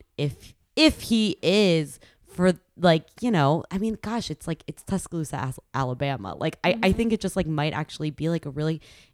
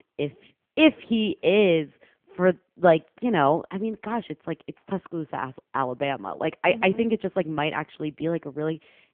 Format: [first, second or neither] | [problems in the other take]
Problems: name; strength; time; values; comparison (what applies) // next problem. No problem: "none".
first | phone-call audio; poor line; nothing above 3.5 kHz